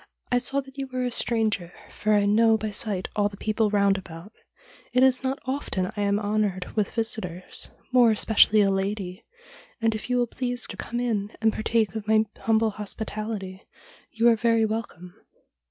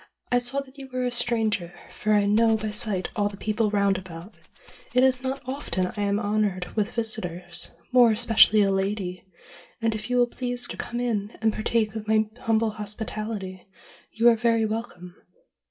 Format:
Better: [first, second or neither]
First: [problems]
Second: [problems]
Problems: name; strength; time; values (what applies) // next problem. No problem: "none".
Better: first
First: none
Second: background sound (Rattle (instrument)); 19 dB below the speech // room echo; dies away in 0.2 s